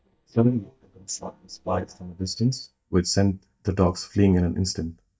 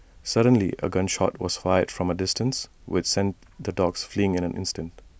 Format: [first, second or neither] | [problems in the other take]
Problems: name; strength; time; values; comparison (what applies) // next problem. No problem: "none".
second | noise reduction (neural mask model DeepFilterNet 3)